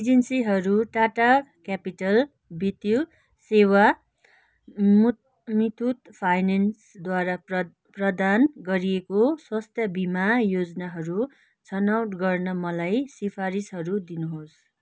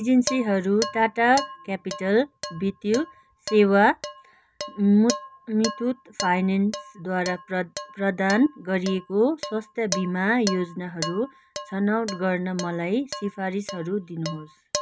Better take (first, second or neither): first